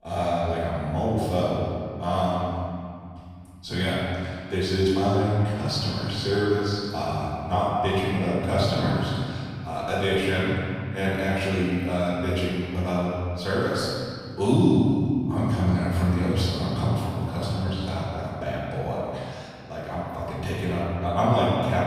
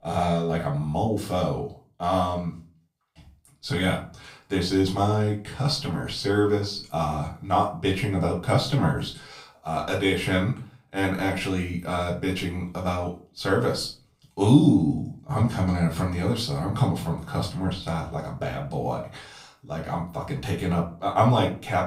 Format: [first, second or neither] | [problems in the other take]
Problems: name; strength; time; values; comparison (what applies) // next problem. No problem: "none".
second | room echo; strong; dies away in 2.3 s; slight in the second // off-mic speech; far; far in the second